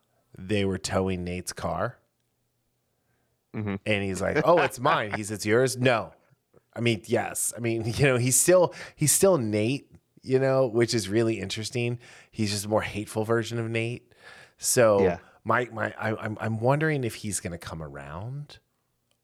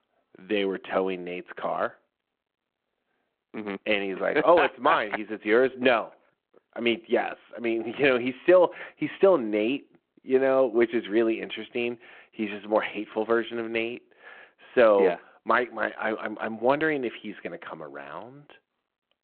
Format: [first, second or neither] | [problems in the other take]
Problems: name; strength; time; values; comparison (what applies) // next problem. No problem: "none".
first | phone-call audio